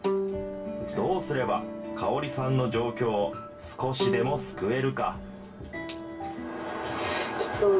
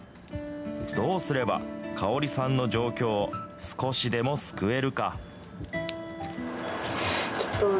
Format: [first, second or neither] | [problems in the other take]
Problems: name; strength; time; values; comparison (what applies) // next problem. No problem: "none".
second | background sound (Bowed string instrument); 8 dB below the speech // room echo; dies away in 0.2 s